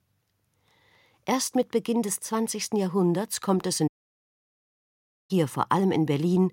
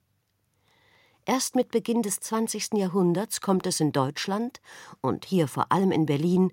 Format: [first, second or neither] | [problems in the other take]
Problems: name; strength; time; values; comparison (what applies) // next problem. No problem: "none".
second | audio cutting out; at 4 s for 1.5 s